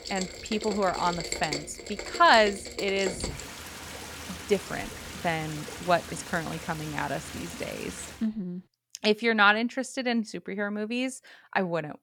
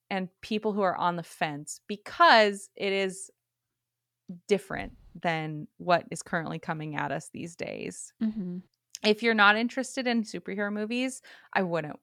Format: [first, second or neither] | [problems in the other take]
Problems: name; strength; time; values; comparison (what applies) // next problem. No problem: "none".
second | rain or running water; loud; until 8 s; 9 dB below the speech